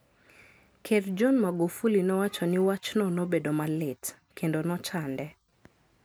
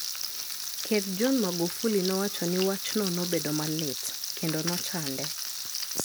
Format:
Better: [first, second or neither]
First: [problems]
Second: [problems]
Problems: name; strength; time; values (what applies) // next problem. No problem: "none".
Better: first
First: none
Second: background sound (Frying (food)); 3 dB below the speech